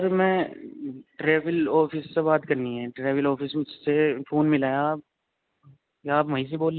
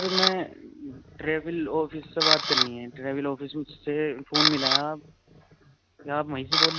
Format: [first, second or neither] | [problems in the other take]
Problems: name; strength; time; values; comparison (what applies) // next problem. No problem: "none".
first | background sound (Camera); 1 dB above the speech